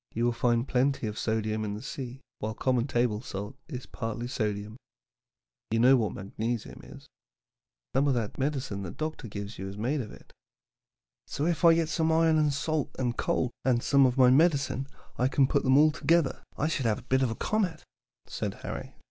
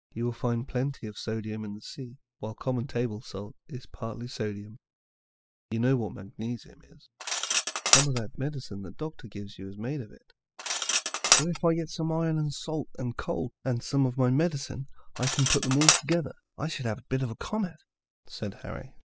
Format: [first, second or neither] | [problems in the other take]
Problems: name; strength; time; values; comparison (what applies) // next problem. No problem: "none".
first | noise reduction (classical method spectral subtraction)